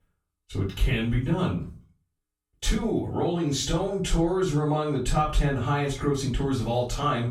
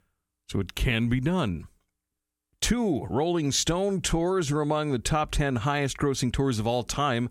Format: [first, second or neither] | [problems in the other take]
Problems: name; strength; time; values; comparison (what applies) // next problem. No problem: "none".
second | off-mic speech; far // room echo; slight; dies away in 0.3 s